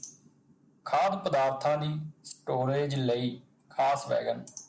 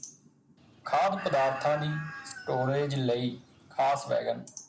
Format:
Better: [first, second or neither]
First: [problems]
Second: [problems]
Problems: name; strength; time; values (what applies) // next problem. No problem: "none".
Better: first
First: none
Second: background sound (Chicken, rooster); 14 dB below the speech